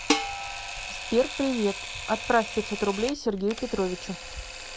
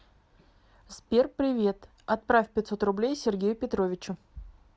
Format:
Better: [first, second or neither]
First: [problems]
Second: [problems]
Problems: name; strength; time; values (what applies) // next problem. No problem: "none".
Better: second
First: background sound (Camera + Dishes, pots, and pans); 5 dB below the speech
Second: none